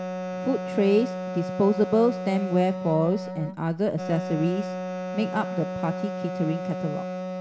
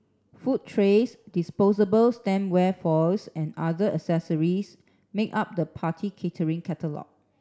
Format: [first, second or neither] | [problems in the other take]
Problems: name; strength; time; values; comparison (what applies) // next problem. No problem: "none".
second | background sound (Wind instrument, woodwind instrument); 6 dB below the speech